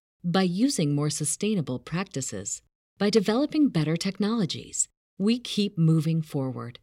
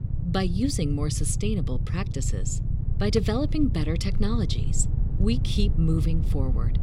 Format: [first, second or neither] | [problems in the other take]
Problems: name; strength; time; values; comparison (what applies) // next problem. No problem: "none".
first | low rumble; noticeable; throughout; 10 dB below the speech